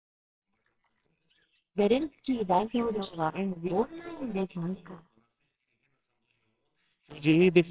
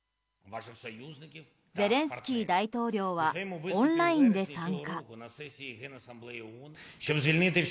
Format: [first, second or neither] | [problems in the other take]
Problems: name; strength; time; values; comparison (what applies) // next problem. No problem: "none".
second | noise reduction (neural separator model SepFormer WHAMR!)